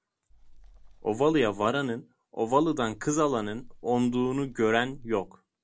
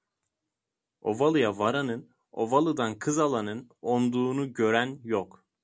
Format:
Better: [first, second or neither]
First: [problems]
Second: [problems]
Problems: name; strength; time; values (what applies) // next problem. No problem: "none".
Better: second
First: background sound (Wind); 20 dB below the speech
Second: none